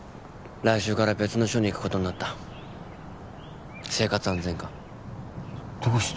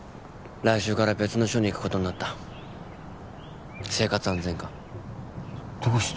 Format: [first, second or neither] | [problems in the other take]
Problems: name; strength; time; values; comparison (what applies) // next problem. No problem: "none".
first | background sound (Tap); 18 dB below the speech